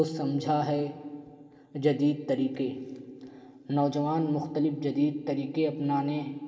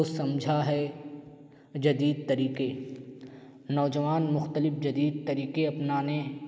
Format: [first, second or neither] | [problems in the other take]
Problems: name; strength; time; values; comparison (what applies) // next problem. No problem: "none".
second | room echo; dies away in 0.2 s